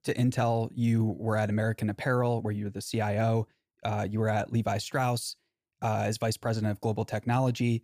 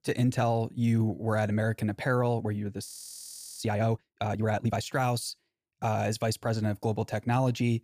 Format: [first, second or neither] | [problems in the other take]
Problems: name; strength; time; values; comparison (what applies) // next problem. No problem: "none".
first | audio freezing; at 3 s for 0.5 s